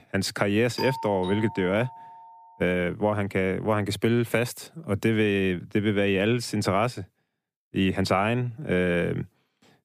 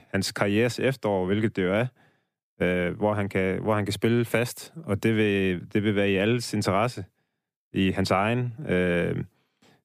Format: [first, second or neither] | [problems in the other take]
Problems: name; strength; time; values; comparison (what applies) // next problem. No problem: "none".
second | doorbell; noticeable; from 1 to 2.5 s; peak 8 dB below the speech